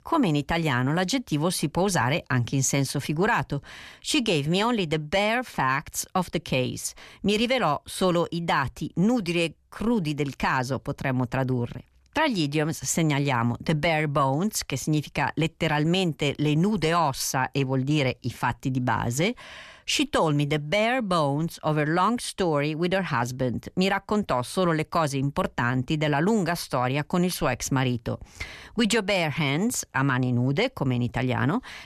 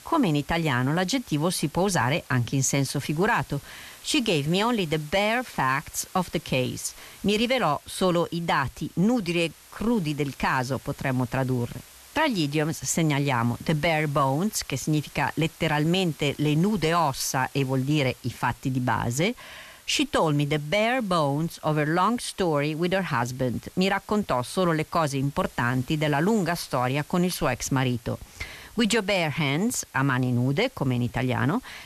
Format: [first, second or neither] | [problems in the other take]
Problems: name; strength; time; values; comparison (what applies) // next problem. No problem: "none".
first | hiss; faint; throughout; 25 dB below the speech